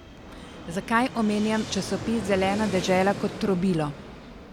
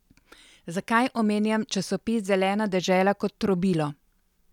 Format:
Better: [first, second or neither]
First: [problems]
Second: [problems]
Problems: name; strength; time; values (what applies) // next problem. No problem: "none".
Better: second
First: background sound (Fixed-wing aircraft, airplane); 10 dB below the speech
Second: none